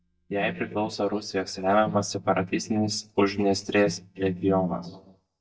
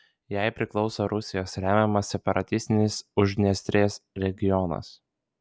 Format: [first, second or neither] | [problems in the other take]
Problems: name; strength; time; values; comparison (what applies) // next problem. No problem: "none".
second | noise reduction (neural mask model DeepFilterNet 3)